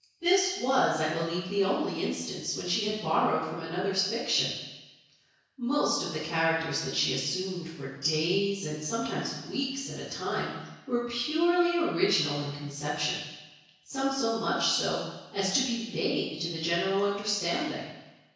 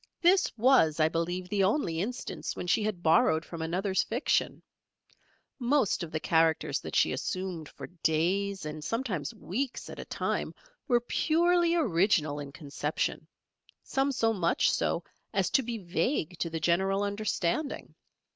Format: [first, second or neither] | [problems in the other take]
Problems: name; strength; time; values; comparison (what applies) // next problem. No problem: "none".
second | room echo; dies away in 1.1 s